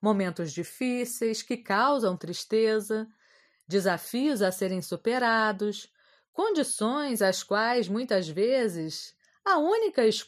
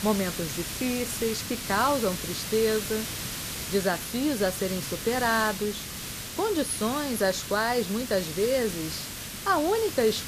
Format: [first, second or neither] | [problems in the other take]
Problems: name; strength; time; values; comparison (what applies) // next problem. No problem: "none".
first | hiss; loud; throughout; 6 dB below the speech